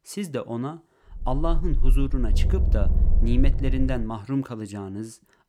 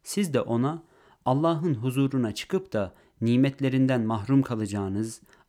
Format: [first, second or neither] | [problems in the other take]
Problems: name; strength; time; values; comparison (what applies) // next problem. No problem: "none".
second | low rumble; noticeable; from 1 to 4 s; 10 dB below the speech